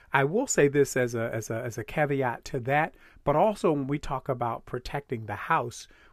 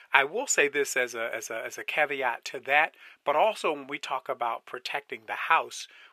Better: first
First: none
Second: thin; very; fading below 600 Hz

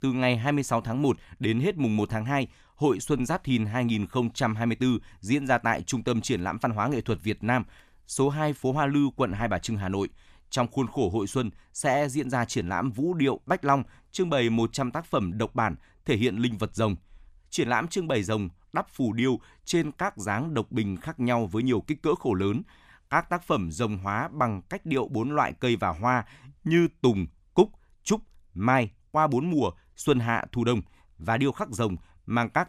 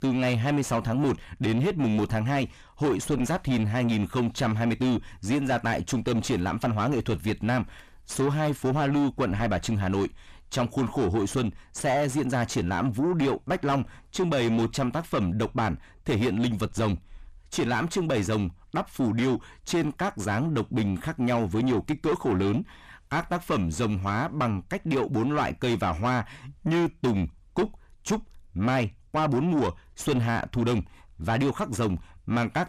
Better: first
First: none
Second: distortion; heavy; 7 dB below the speech

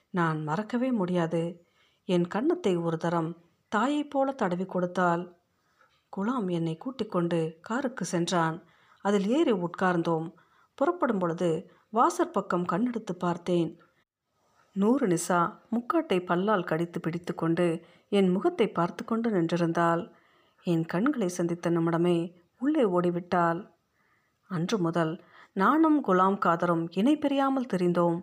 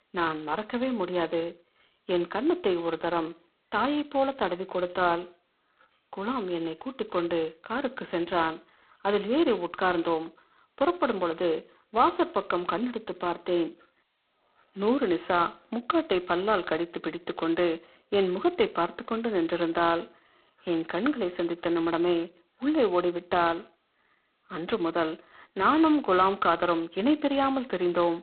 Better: first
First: none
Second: phone-call audio; poor line; nothing above 4 kHz

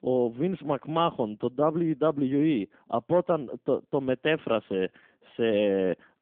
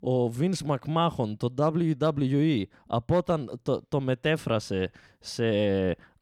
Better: second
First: phone-call audio; nothing above 3.5 kHz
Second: none

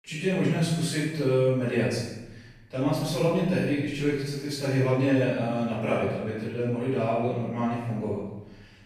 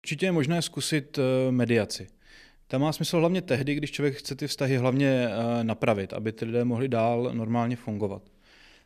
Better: second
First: off-mic speech; far // room echo; strong; dies away in 0.9 s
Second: none

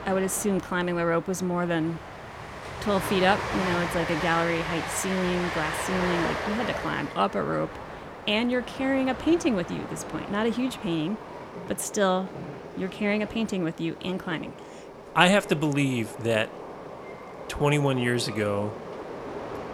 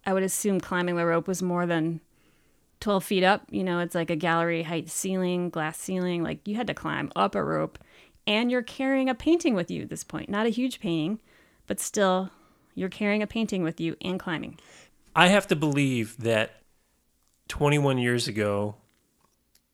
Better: second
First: train or aircraft noise; loud; throughout; 8 dB below the speech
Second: none

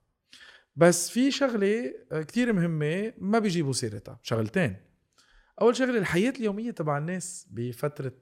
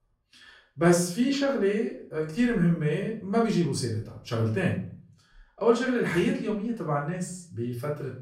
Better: first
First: none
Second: off-mic speech; far // room echo; slight; dies away in 0.4 s

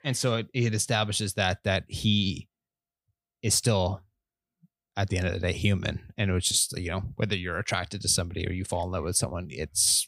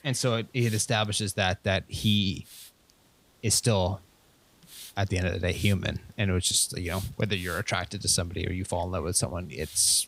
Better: first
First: none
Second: hiss; noticeable; throughout; 20 dB below the speech

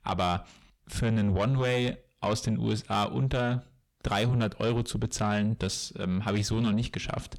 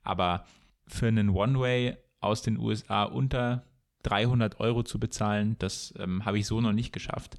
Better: second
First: distortion; slight; 10 dB below the speech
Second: none

